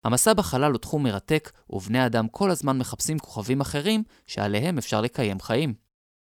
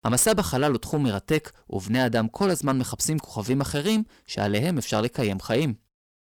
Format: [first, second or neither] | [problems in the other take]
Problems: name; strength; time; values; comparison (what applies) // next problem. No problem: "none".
first | distortion; slight; 3% of the sound clipped